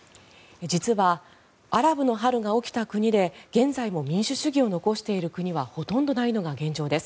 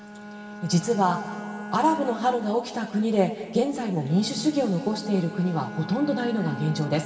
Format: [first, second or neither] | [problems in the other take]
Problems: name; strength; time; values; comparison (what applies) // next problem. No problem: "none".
first | background sound (Bowed string instrument); 13 dB below the speech // room echo; dies away in 2.4 s